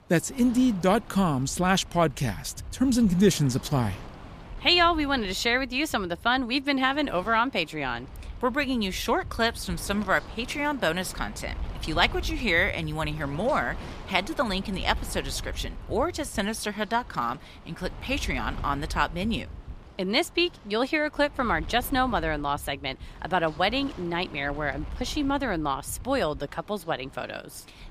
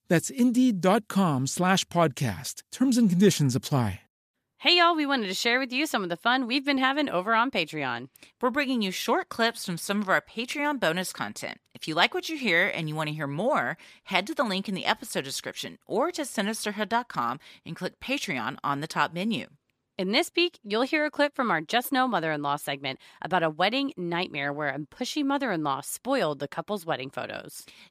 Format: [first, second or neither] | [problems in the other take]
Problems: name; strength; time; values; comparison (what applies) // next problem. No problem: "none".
second | wind noise on the microphone; occasional gusts; 20 dB below the speech